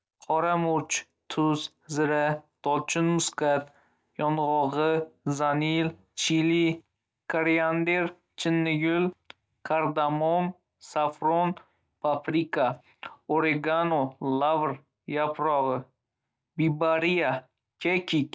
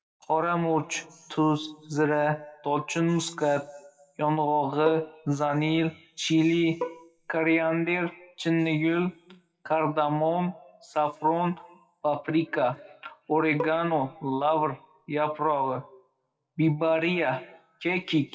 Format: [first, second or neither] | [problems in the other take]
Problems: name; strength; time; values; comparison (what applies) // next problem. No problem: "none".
first | noise reduction (classical method WPE with log-MMSE)